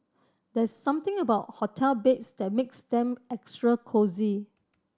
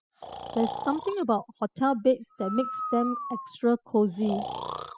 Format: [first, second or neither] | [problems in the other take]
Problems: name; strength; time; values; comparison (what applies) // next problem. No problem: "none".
first | noise reduction (classical method spectral subtraction)